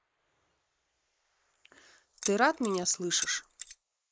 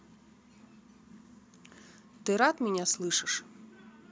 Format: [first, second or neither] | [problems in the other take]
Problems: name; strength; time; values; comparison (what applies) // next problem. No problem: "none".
second | noise reduction (neural mask model Resemble Enhance denoiser)